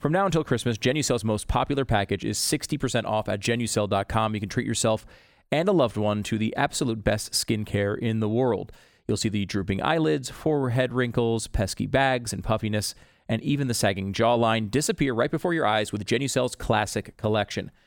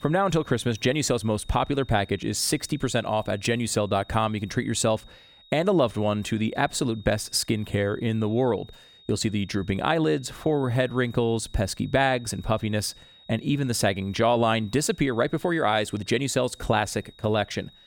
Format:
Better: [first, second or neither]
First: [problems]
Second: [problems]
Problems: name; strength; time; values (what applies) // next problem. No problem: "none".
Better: first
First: none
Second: high-pitched whine; faint; throughout; 3.5 kHz, 25 dB below the speech